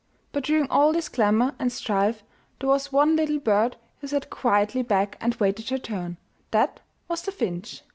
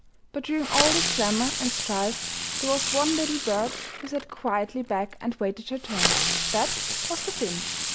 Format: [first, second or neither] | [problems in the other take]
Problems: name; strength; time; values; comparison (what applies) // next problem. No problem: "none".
first | background sound (Fireworks); as loud as the speech